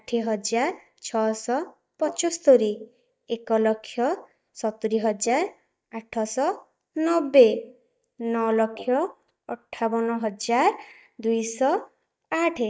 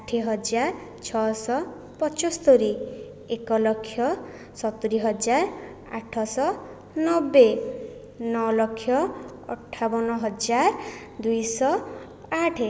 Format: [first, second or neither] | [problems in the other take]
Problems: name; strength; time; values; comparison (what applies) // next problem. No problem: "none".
second | noise reduction (neural mask model DeepFilterNet 3)